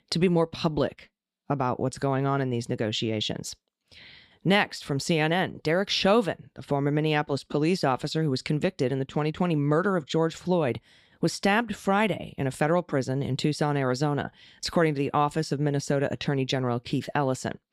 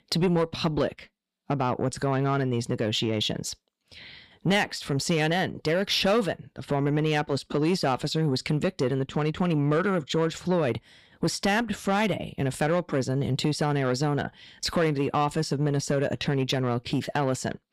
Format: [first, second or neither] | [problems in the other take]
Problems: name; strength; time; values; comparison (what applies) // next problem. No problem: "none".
first | distortion; slight; 10 dB below the speech